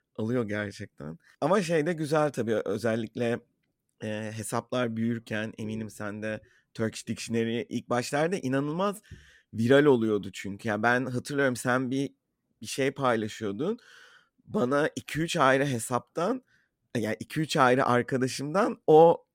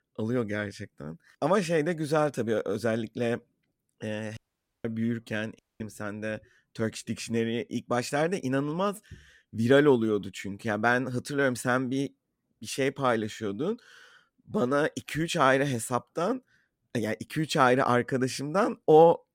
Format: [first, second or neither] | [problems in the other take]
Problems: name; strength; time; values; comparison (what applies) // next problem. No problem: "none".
first | audio cutting out; at 4.5 s and at 5.5 s